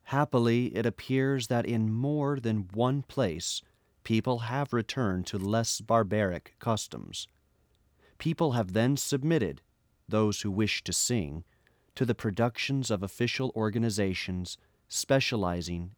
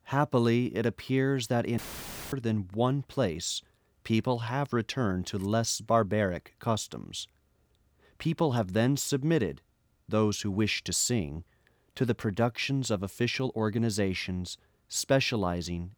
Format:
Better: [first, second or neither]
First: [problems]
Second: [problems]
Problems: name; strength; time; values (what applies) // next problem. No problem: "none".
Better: first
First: none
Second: audio cutting out; filled with static; at 2 s for 0.5 s